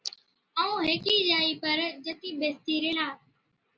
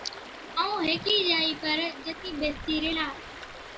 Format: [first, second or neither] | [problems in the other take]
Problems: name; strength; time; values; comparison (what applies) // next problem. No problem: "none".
first | background sound (Stream); 12 dB below the speech